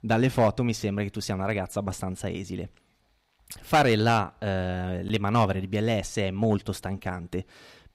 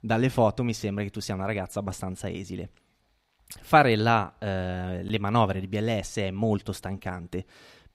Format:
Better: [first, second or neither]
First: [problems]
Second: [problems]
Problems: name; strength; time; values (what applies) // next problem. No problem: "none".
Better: second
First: distortion; slight; 1.6% of the sound clipped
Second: none